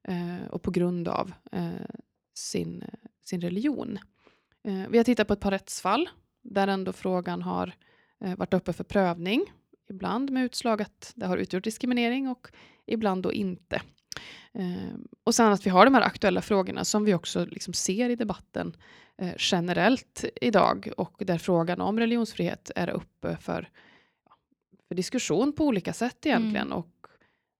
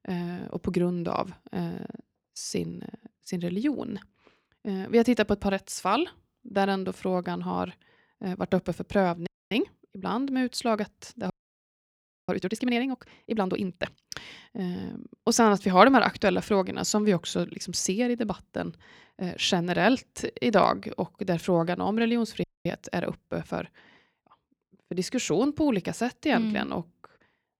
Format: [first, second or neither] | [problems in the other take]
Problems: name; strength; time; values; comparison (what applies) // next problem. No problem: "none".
first | audio freezing; at 9.5 s, at 11 s for 1 s and at 22 s